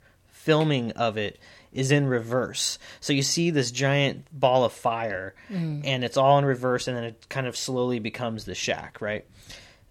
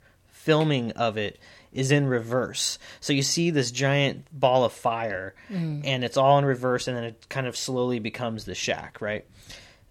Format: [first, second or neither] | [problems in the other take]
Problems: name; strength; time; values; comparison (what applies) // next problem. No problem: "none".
neither | none